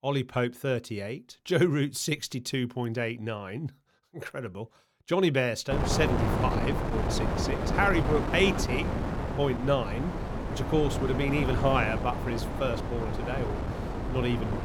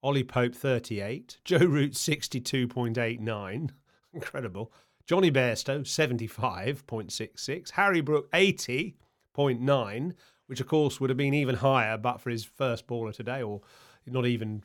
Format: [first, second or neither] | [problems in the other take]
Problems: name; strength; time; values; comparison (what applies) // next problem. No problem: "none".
second | wind noise on the microphone; heavy; from 5.5 s on; 4 dB below the speech